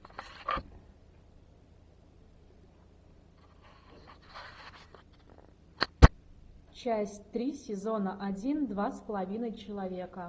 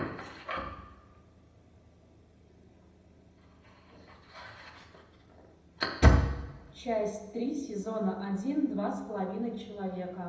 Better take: first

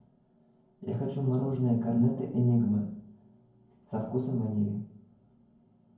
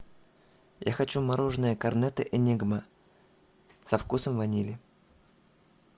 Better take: second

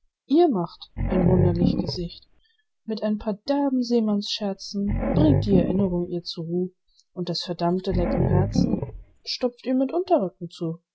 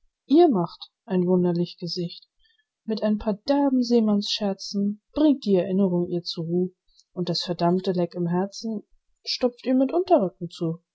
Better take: second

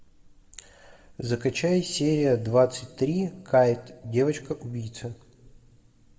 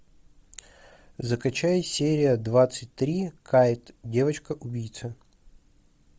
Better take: second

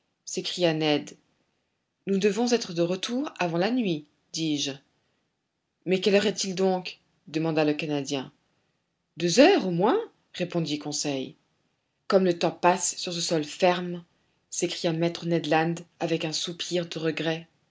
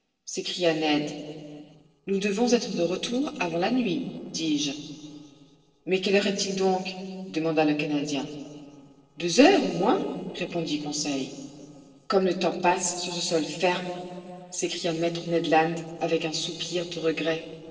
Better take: first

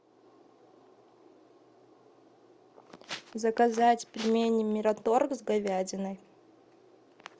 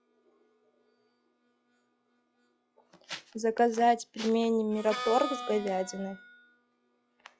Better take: first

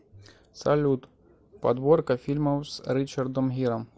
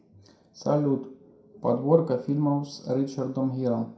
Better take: first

